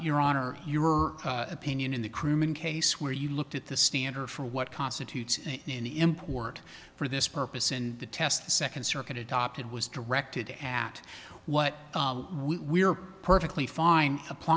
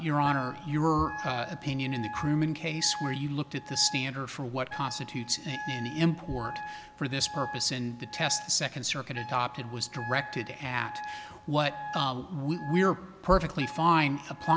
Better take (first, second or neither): first